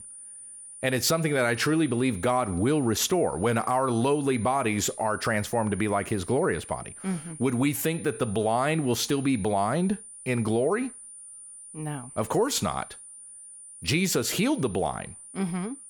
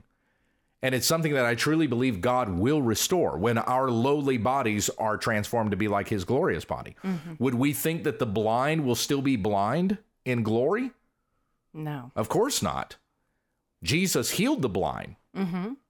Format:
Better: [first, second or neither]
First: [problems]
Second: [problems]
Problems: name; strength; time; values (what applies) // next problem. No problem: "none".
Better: second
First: high-pitched whine; noticeable; throughout; 9 kHz, 15 dB below the speech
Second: none